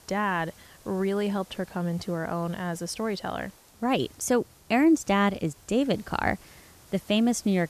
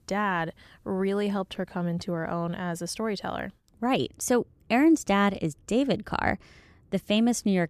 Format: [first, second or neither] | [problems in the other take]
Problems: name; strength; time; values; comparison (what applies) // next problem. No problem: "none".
second | hiss; faint; throughout; 25 dB below the speech